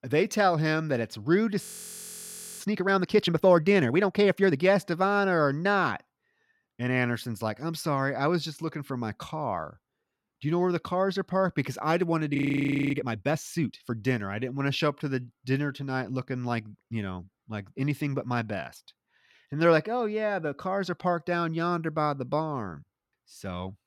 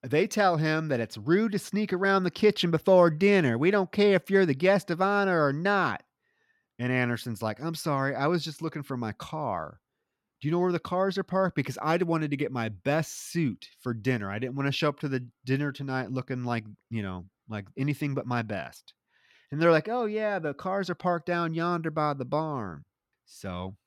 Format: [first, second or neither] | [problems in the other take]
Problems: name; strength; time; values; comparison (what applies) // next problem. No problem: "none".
second | audio freezing; at 1.5 s for 1 s and at 12 s for 0.5 s